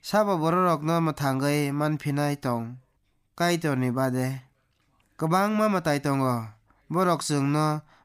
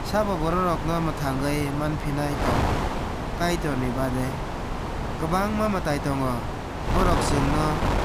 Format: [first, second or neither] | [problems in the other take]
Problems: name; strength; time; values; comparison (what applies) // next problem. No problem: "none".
first | wind noise on the microphone; heavy; 3 dB below the speech